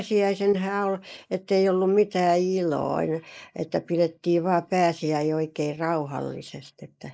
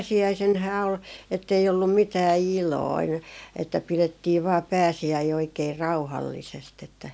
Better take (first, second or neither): second